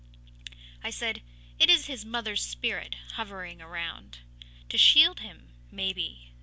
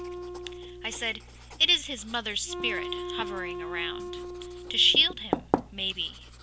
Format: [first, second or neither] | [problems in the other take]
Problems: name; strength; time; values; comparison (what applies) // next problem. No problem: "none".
first | background sound (Writing + Wind instrument, woodwind instrument); 6 dB below the speech